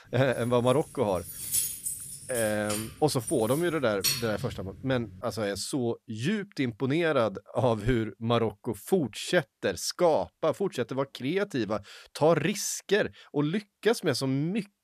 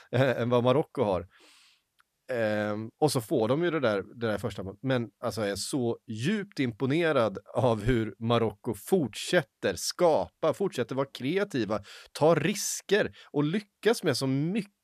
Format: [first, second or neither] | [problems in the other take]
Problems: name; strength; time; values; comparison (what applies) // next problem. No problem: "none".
second | jangling keys; loud; from 0.5 to 4.5 s; peak 2 dB above the speech